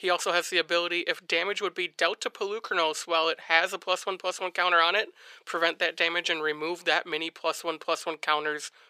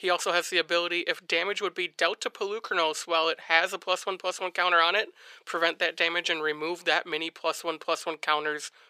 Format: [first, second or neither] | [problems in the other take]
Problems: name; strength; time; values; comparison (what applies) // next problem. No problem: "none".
neither | thin; very; fading below 400 Hz; the same in both